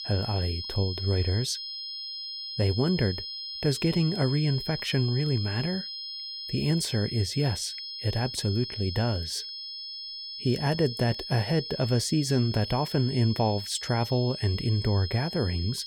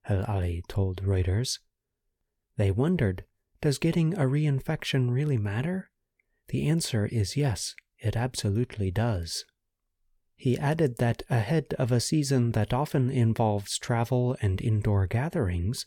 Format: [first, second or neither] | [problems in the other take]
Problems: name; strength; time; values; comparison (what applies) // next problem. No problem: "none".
second | high-pitched whine; loud; throughout; 5 kHz, 7 dB below the speech